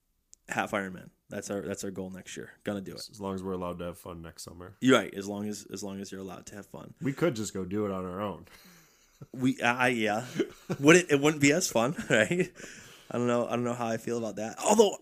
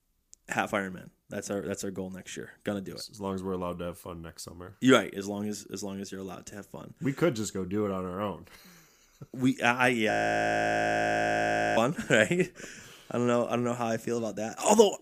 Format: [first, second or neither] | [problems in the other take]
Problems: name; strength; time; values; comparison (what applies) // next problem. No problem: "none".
first | audio freezing; at 10 s for 1.5 s